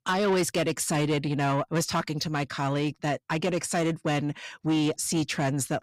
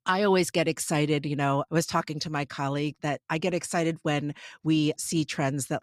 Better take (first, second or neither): second